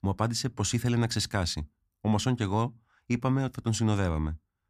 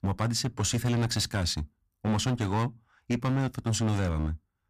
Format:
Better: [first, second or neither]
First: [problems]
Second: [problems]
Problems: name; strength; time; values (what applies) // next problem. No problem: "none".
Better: first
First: none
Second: distortion; slight; 13% of the sound clipped